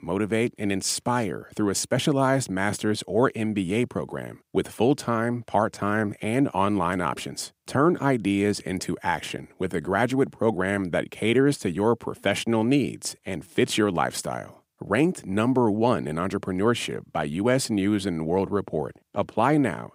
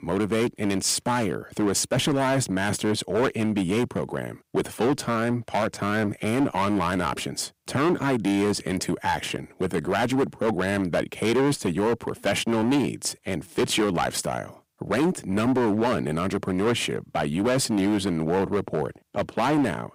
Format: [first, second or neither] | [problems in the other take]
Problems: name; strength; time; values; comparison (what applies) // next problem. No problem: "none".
first | distortion; heavy; 11% of the sound clipped